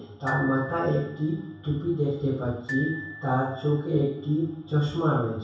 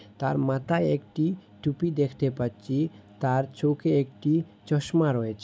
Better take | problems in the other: second | background sound (Glockenspiel); 13 dB below the speech // room echo; dies away in 0.7 s

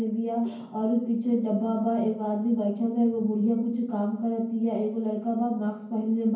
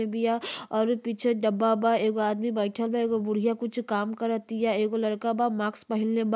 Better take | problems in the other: second | room echo; dies away in 0.9 s

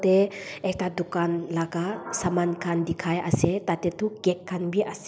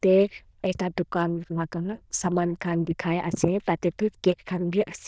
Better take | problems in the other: first | noise reduction (neural diffusion model UNIVERSE++)

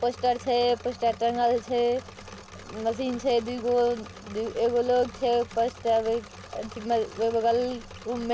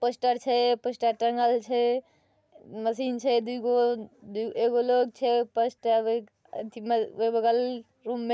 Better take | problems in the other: second | background sound (Engine / Mechanisms); 17 dB below the speech

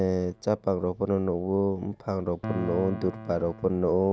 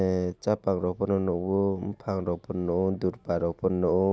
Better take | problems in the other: second | background sound (Piano); 14 dB below the speech

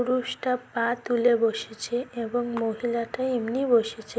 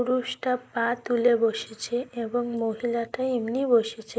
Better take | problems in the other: first | noise reduction (neural mask model Resemble Enhance denoiser)

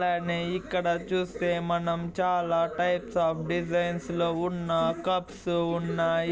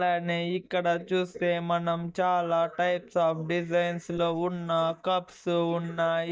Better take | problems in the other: first | noise reduction (neural mask model DeepFilterNet 3)

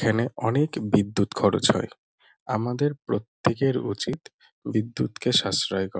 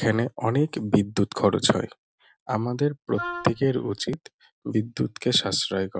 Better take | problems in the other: first | background sound (Wind instrument, woodwind instrument); 11 dB below the speech

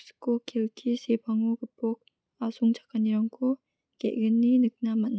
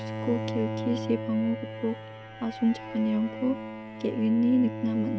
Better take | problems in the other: first | background sound (Bowed string instrument); 7 dB below the speech

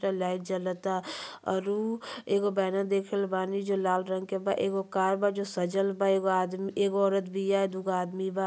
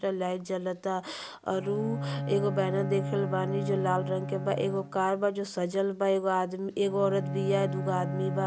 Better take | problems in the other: first | background sound (Bowed string instrument); 6 dB below the speech

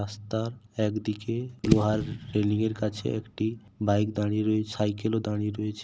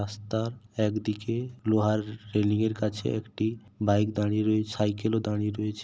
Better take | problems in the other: second | background sound (Fireworks / Boom); 7 dB below the speech

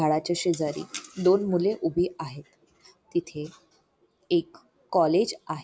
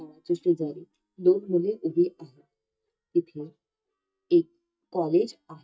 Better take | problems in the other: first | noise reduction (neural mask model DeepFilterNet 3)

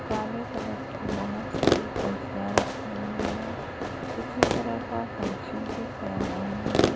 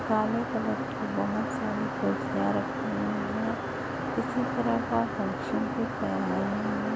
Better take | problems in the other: second | background sound (Fireworks); 2 dB above the speech // room echo; dies away in 0.2 s

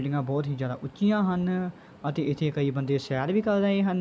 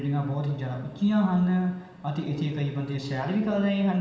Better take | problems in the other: first | room echo; dies away in 1.1 s

